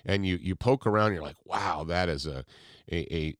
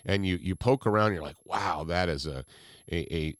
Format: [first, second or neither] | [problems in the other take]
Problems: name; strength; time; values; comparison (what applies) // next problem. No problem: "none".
first | high-pitched whine; faint; throughout; 11 kHz, 30 dB below the speech